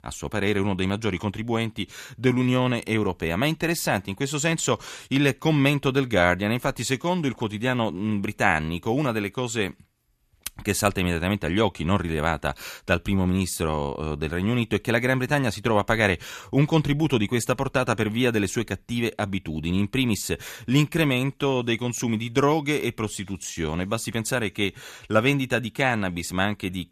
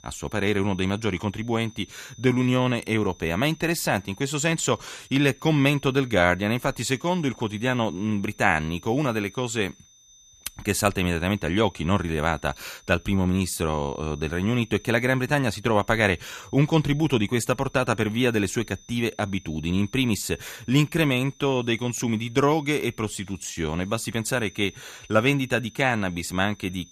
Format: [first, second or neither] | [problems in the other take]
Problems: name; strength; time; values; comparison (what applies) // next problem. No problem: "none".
first | high-pitched whine; faint; throughout; 6 kHz, 25 dB below the speech